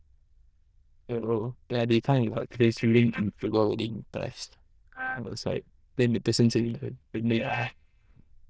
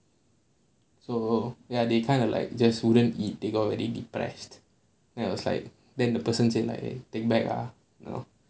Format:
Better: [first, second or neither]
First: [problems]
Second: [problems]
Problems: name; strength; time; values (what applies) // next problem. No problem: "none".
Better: second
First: noise reduction (neural diffusion model UNIVERSE++)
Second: none